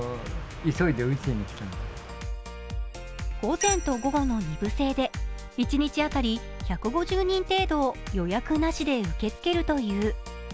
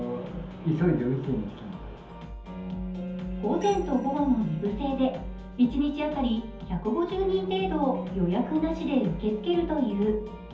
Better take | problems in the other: first | background sound (Bowed string instrument); 11 dB below the speech // room echo; dies away in 0.5 s

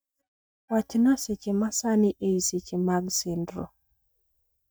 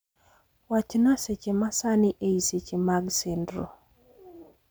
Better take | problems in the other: second | noise reduction (neural mask model DeepFilterNet 3)

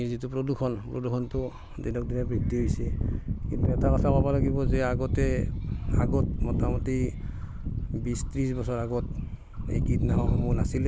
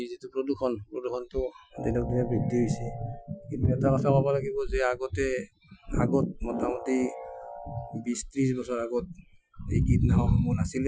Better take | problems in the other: first | noise reduction (classical method Wiener filter)

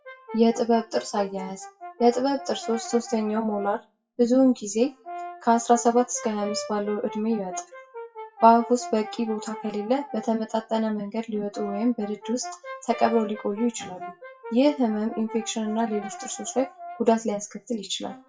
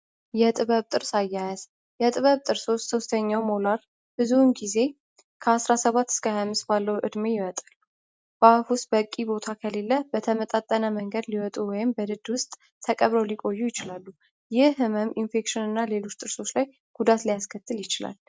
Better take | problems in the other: second | noise reduction (classical method WPE with log-MMSE)

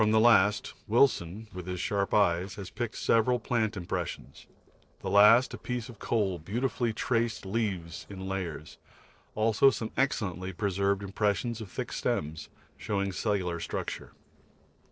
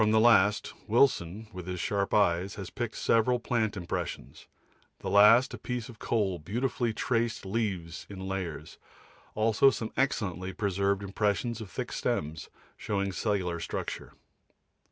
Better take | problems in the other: second | noise reduction (neural separator model SepFormer DNS4)

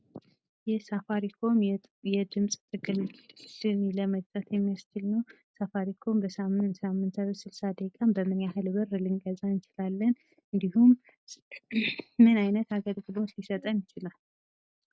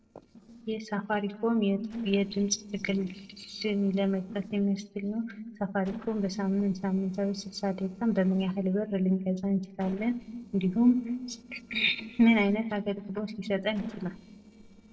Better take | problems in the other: first | noise reduction (neural separator model SepFormer DNS4)

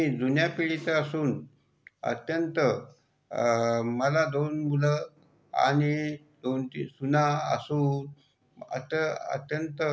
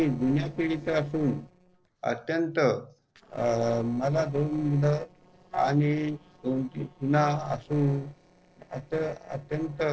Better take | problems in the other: first | noise reduction (neural separator model SepFormer DNS4)

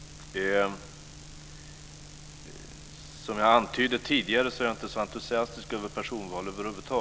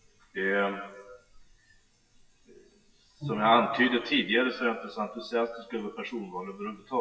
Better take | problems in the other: first | noise reduction (classical method WPE with log-MMSE)

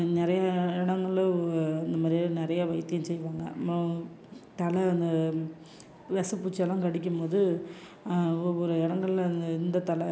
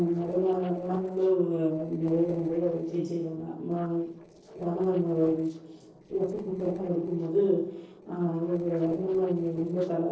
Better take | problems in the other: first | noise reduction (neural separator model SepFormer DNS4)

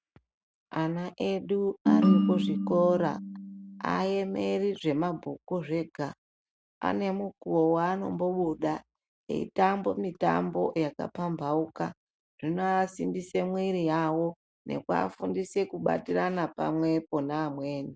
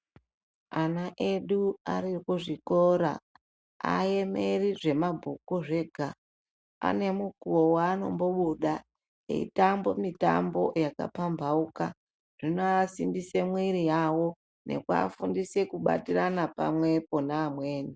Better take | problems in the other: second | background sound (Ringtone); 2 dB above the speech

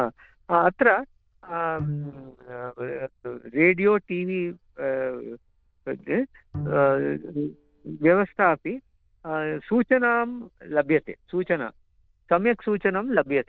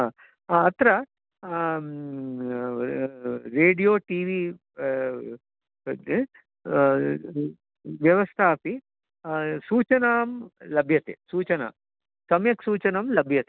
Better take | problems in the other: second | noise reduction (neural diffusion model UNIVERSE++)

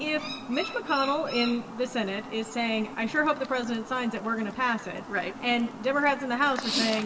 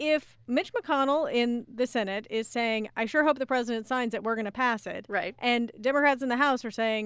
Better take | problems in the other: second | background sound (Chirp, tweet); 9 dB below the speech // room echo; dies away in 2 s

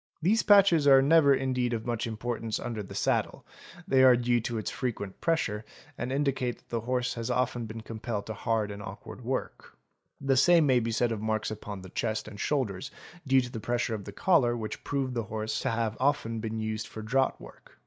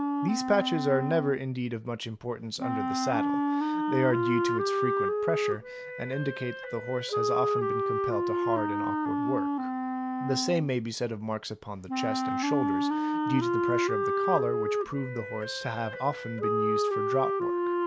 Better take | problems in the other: first | background sound (Wind instrument, woodwind instrument); 2 dB above the speech

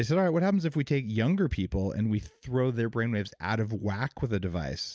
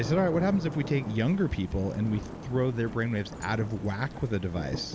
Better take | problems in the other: first | background sound (Thunder / Rain); 10 dB below the speech

